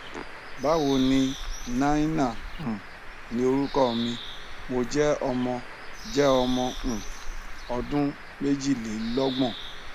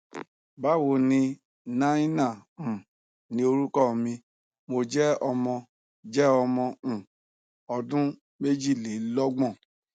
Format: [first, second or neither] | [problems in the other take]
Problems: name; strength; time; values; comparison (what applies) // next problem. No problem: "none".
second | background sound (Bird); 8 dB below the speech